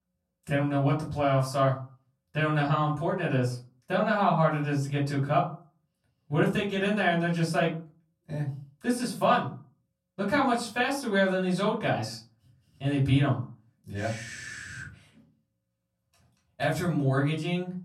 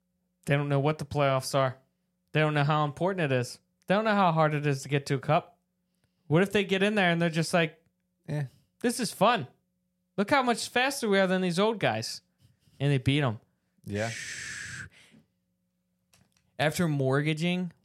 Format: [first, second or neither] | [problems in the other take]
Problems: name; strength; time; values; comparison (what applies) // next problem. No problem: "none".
second | off-mic speech; far // room echo; slight; dies away in 0.4 s